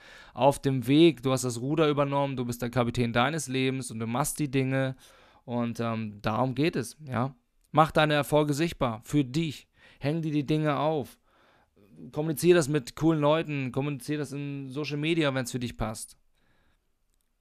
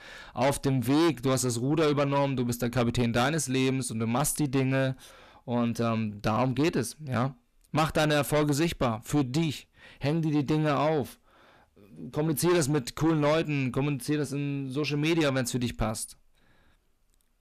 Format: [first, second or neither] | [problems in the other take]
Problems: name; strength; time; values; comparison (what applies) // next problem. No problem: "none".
first | distortion; heavy; 7 dB below the speech